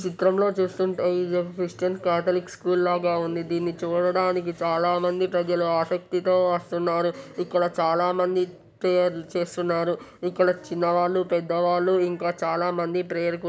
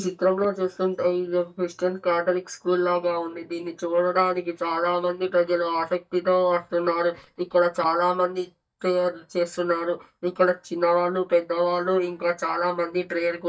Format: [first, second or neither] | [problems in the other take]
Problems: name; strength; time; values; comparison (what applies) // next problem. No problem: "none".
first | noise reduction (neural mask model DeepFilterNet 3)